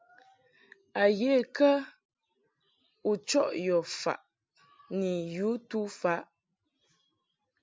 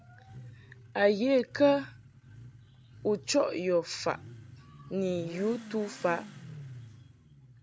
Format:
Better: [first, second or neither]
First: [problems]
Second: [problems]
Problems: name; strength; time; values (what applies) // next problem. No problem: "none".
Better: first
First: none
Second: background sound (Motorcycle / Accelerating, revving, vroom); 17 dB below the speech